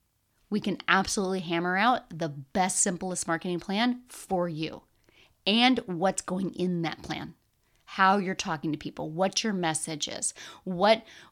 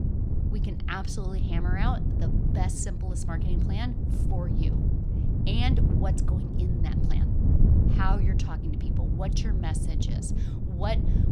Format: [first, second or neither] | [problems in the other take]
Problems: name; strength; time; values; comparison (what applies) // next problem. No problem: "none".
first | wind noise on the microphone; heavy; 3 dB below the speech